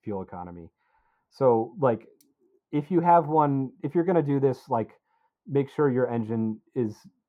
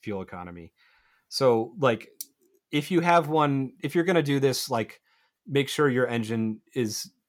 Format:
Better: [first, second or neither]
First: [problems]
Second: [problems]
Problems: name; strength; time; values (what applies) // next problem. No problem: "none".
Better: second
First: muffled; very; fading above 2 kHz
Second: none